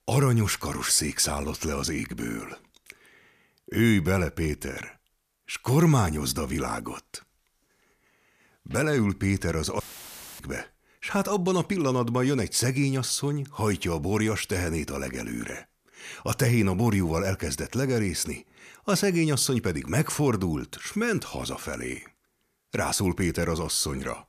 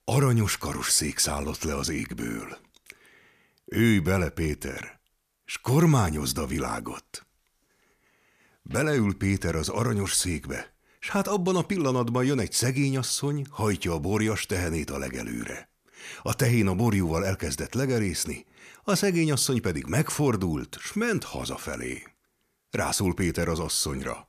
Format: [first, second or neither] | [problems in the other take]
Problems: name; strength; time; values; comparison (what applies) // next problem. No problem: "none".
second | audio cutting out; filled with static; at 10 s for 0.5 s